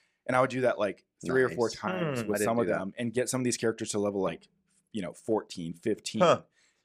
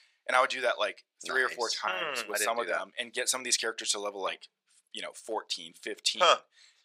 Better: first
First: none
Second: thin; very; fading below 850 Hz

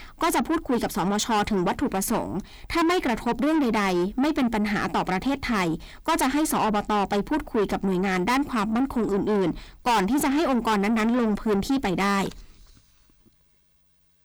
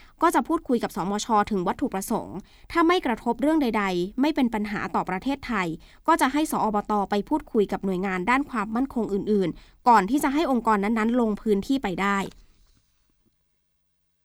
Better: second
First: distortion; heavy; 7 dB below the speech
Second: none

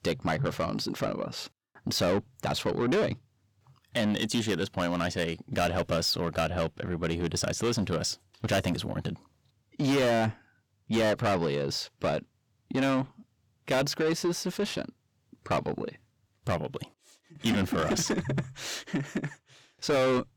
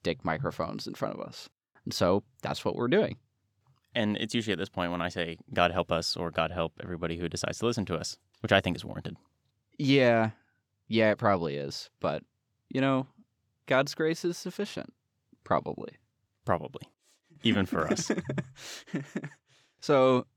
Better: second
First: distortion; heavy; 6 dB below the speech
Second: none

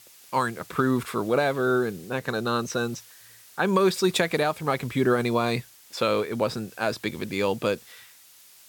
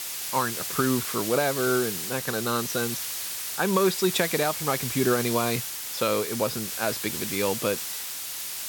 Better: first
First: hiss; faint; throughout; 25 dB below the speech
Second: hiss; loud; throughout; 3 dB below the speech

